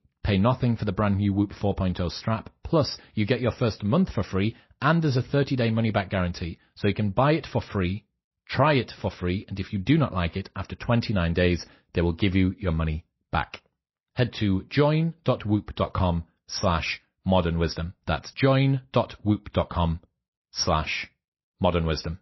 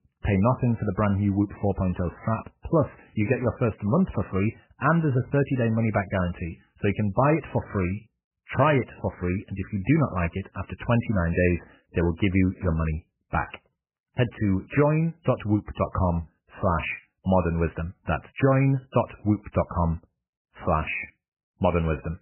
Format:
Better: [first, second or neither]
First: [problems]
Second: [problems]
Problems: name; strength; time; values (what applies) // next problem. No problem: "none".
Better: first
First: garbled, watery; slightly; nothing above 5.5 kHz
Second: garbled, watery; badly; nothing above 3 kHz